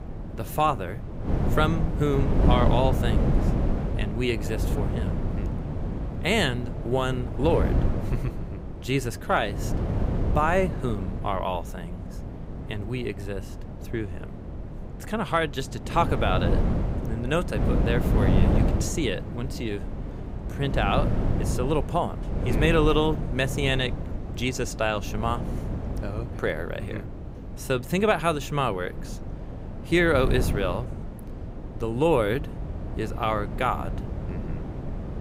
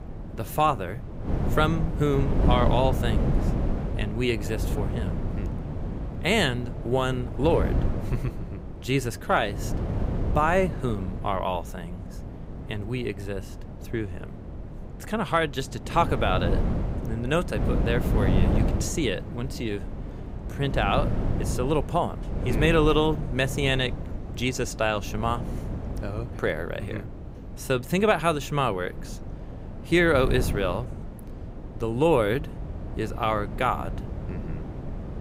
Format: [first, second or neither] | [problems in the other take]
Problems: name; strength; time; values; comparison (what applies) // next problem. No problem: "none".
second | wind noise on the microphone; heavy; 10 dB below the speech; occasional gusts in the second